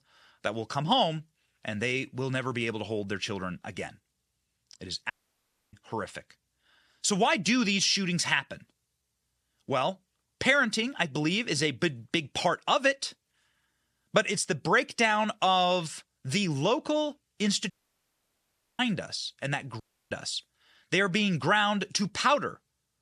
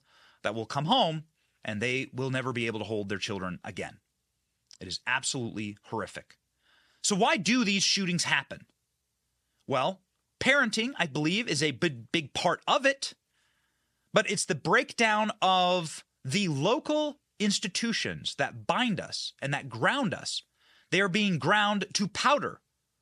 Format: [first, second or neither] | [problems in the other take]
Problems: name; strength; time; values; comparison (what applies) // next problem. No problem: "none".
second | audio cutting out; at 5 s for 0.5 s, at 18 s for 1 s and at 20 s